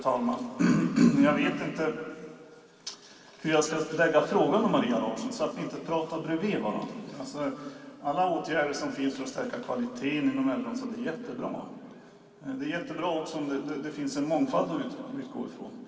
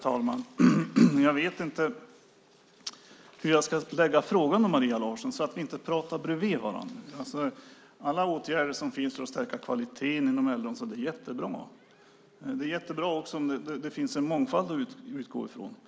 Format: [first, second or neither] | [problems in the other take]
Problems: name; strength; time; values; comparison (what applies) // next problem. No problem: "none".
second | room echo; dies away in 2.4 s